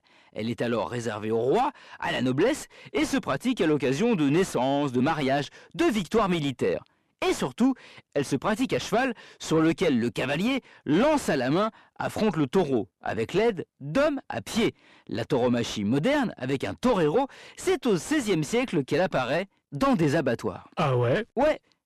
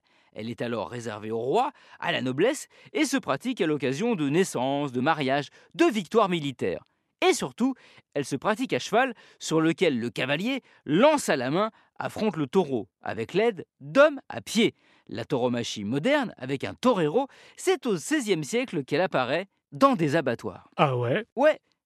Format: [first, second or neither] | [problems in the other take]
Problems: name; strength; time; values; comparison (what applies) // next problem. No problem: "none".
second | distortion; heavy; 7 dB below the speech